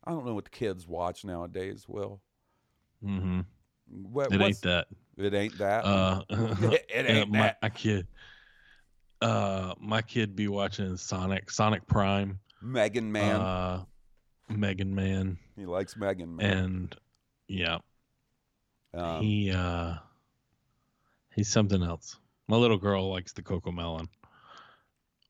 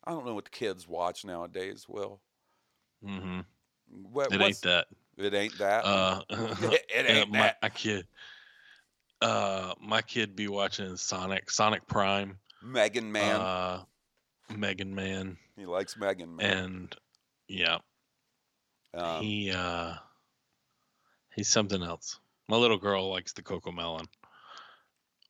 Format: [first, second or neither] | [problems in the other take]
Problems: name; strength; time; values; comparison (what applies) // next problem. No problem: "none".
first | thin; somewhat; fading below 1 kHz